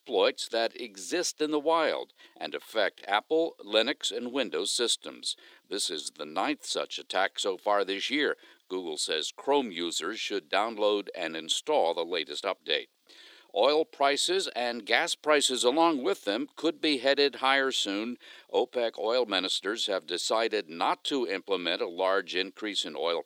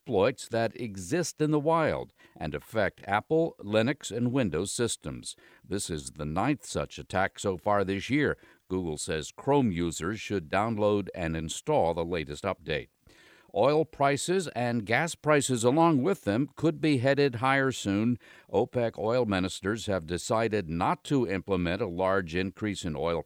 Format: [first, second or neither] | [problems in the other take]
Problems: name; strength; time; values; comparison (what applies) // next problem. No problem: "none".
second | thin; somewhat; fading below 300 Hz